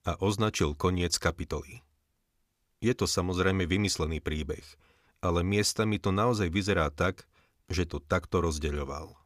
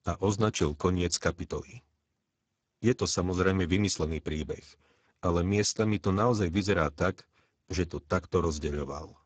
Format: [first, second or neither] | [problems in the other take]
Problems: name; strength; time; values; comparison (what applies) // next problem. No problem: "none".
first | garbled, watery; badly; nothing above 7.5 kHz